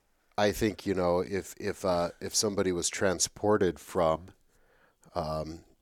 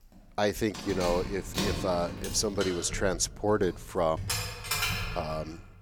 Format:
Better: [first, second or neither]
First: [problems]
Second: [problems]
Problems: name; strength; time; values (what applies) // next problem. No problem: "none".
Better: first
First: none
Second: jangling keys; loud; from 0.5 s on; peak 2 dB above the speech